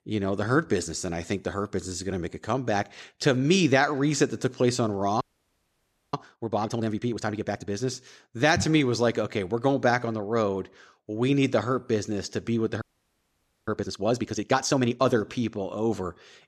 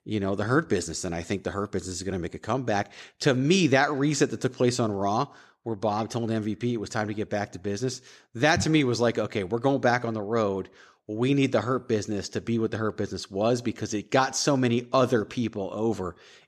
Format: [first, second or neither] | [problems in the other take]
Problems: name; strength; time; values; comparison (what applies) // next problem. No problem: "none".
second | audio freezing; at 5 s for 1 s and at 13 s for 1 s